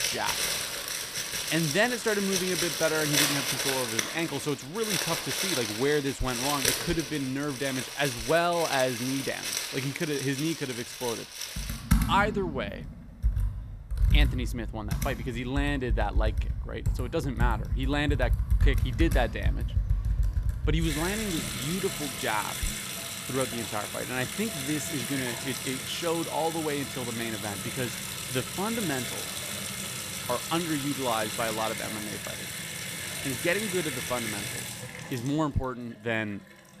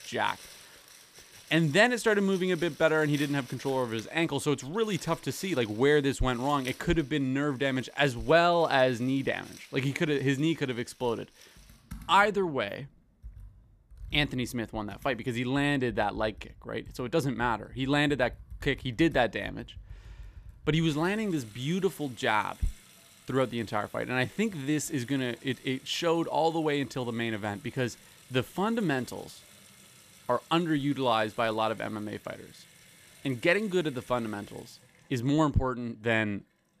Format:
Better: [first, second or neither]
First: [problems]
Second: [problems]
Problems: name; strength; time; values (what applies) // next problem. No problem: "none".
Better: second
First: household noises; loud; throughout; as loud as the speech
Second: household noises; faint; throughout; 20 dB below the speech